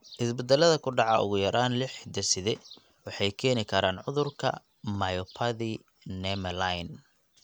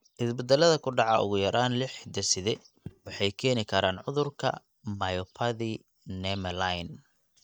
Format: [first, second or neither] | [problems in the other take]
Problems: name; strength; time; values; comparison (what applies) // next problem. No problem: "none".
first | noise reduction (neural mask model DeepFilterNet 3)